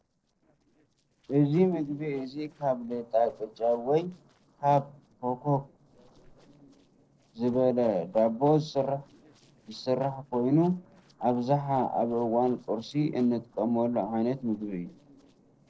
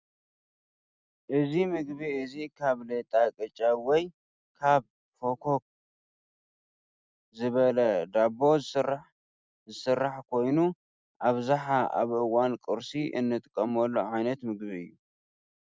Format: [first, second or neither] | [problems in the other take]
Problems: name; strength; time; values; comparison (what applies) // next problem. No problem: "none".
second | noise reduction (neural separator model SepFormer DNS4)